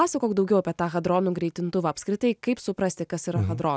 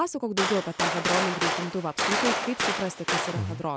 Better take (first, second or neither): first